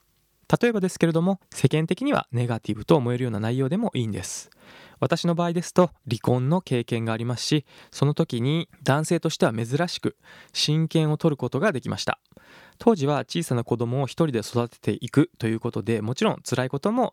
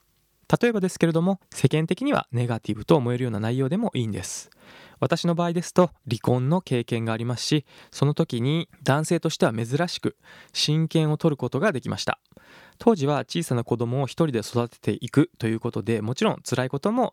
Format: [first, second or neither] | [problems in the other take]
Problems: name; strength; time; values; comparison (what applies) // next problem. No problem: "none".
neither | none